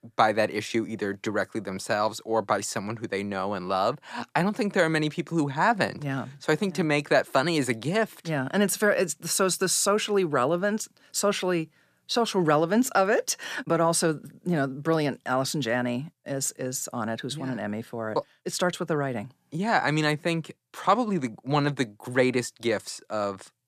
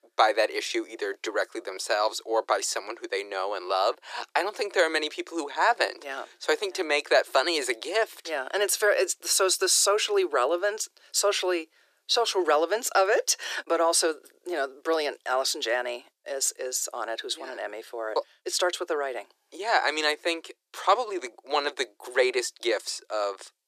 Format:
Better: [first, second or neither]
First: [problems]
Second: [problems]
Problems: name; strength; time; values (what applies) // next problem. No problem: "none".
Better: first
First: none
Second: thin; very; fading below 350 Hz